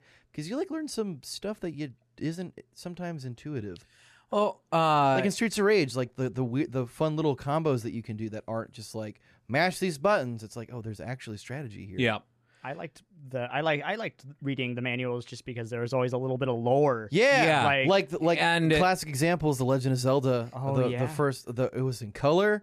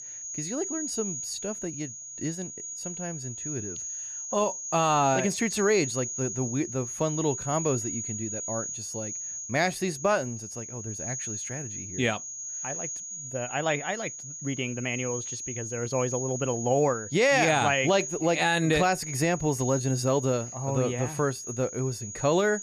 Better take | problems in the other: first | high-pitched whine; loud; throughout; 6.5 kHz, 6 dB below the speech

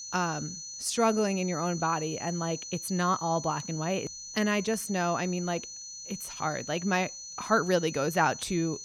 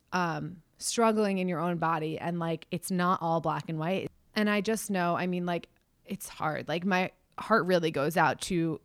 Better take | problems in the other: second | high-pitched whine; loud; throughout; 6 kHz, 9 dB below the speech

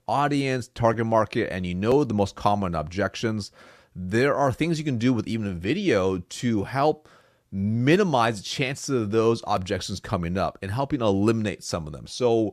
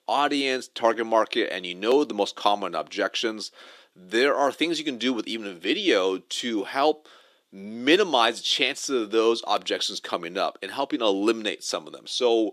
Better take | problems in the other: first | thin; somewhat; fading below 300 Hz

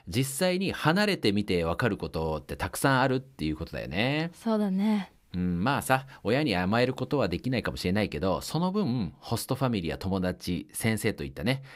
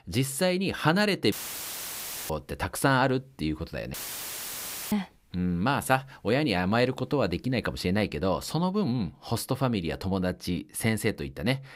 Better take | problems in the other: first | audio cutting out; filled with static; at 1.5 s for 1 s and at 4 s for 1 s

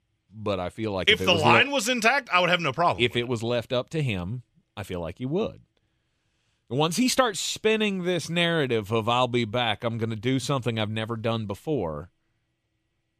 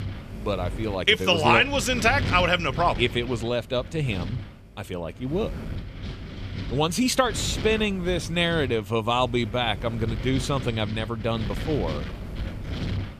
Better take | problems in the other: first | wind noise on the microphone; occasional gusts; 15 dB below the speech

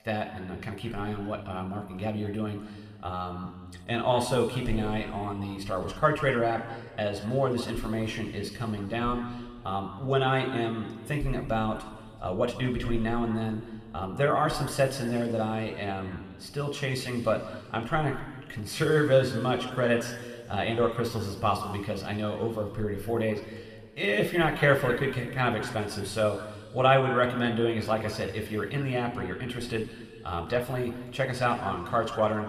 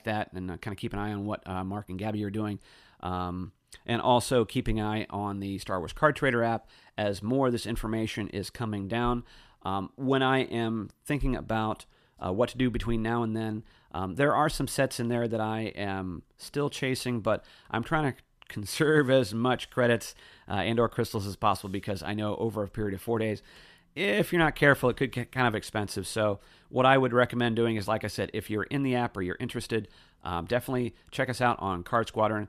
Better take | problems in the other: second | room echo; noticeable; dies away in 1.8 s

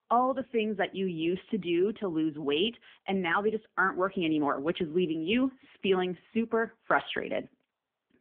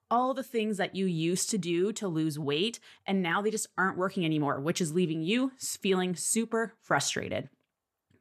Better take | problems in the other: second | phone-call audio; nothing above 3.5 kHz

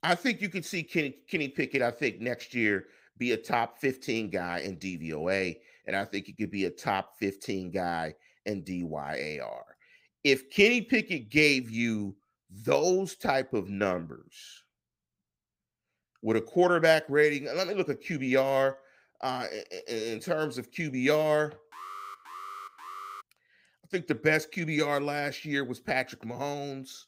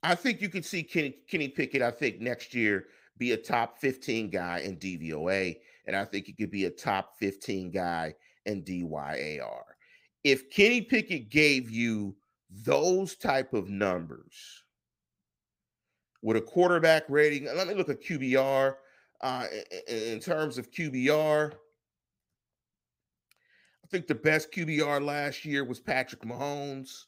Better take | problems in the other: second | alarm; faint; from 22 to 23 s; peak 10 dB below the speech

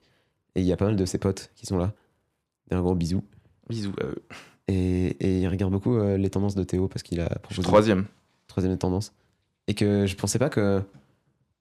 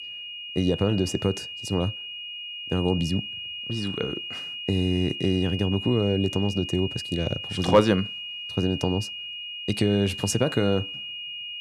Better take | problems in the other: first | high-pitched whine; loud; throughout; 3 kHz, 7 dB below the speech

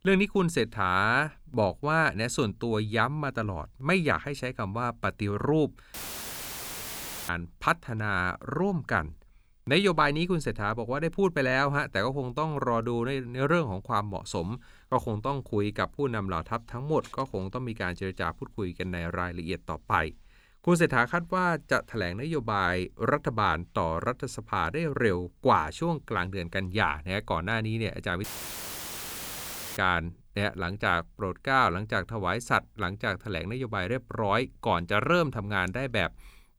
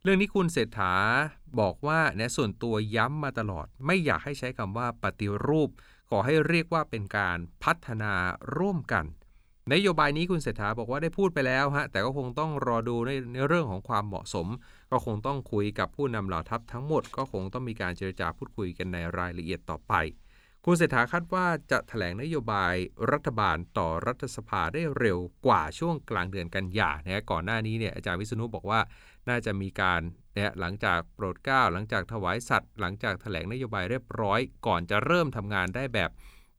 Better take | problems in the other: second | audio cutting out; filled with static; at 6 s for 1.5 s and at 28 s for 1.5 s

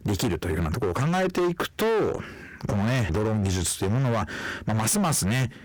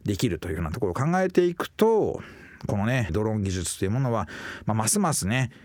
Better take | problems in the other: second | distortion; heavy; 26% of the sound clipped

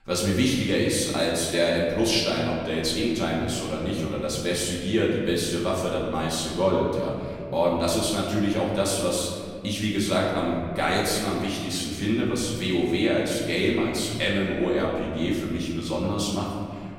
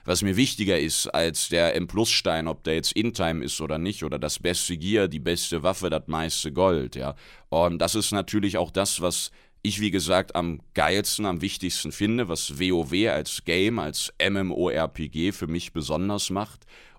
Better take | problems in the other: second | off-mic speech; far // room echo; noticeable; dies away in 2 s

